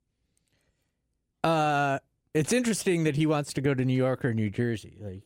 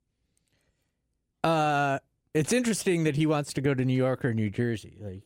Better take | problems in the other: neither | none

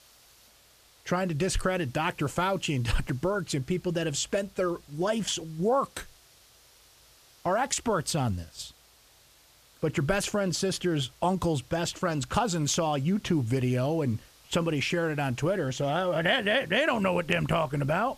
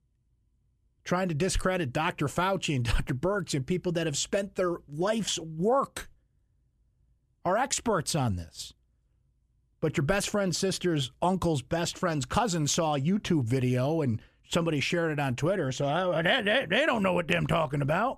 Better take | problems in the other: second | hiss; faint; throughout; 25 dB below the speech

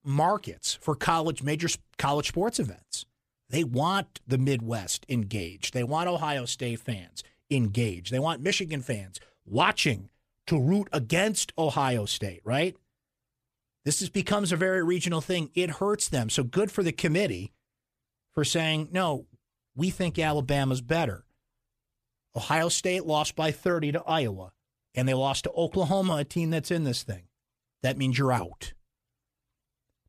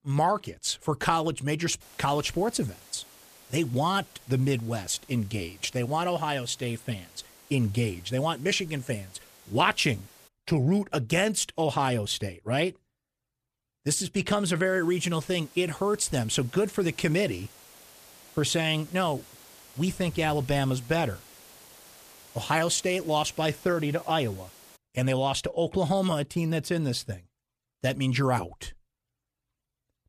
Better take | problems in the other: first | hiss; faint; from 2 to 10 s and from 15 to 25 s; 25 dB below the speech

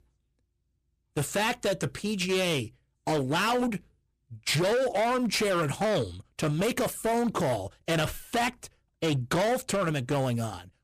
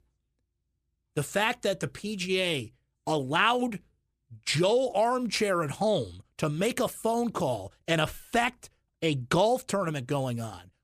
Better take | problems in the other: second | distortion; heavy; 15% of the sound clipped

